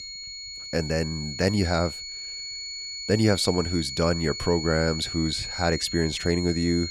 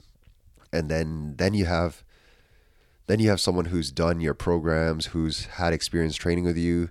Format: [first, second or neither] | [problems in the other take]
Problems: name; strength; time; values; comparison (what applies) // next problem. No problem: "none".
second | high-pitched whine; loud; throughout; 4.5 kHz, 7 dB below the speech